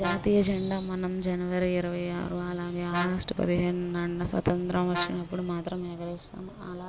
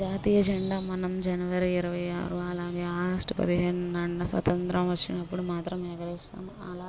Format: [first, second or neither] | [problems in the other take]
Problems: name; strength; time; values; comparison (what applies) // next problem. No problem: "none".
second | background sound (Brass instrument); 10 dB below the speech